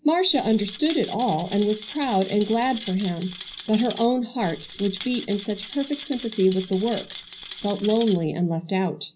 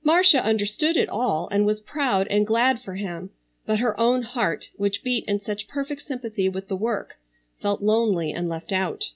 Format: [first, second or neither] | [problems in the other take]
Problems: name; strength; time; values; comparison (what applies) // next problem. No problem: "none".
second | background sound (Rattle); 15 dB below the speech // room echo; dies away in 0.4 s